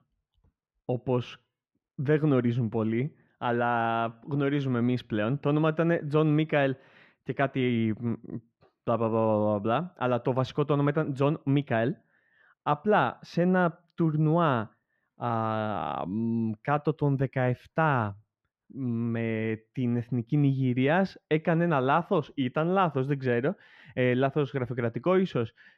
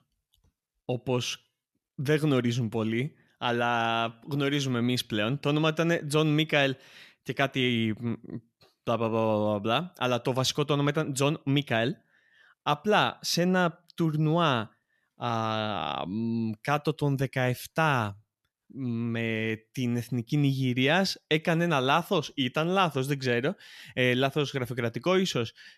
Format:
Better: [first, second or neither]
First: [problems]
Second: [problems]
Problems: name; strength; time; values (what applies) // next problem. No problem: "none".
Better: second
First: muffled; very; fading above 4 kHz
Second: none